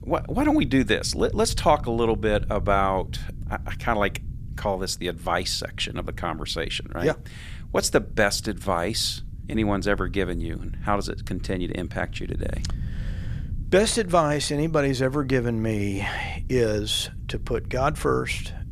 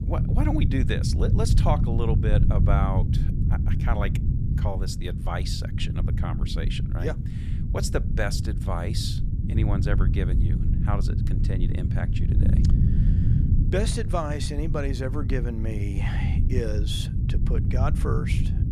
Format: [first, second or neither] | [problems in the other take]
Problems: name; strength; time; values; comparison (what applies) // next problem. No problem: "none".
first | low rumble; loud; throughout; 5 dB below the speech; faint in the first